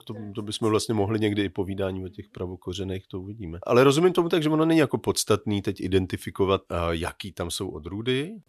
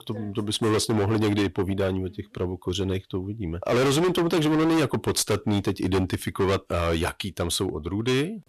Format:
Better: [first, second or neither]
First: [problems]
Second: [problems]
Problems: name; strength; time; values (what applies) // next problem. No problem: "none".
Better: first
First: none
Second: distortion; heavy; 17% of the sound clipped